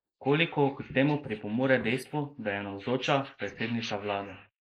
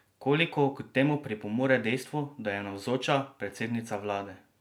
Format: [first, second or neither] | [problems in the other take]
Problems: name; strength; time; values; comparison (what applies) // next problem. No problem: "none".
second | noise reduction (neural mask model Resemble Enhance denoiser)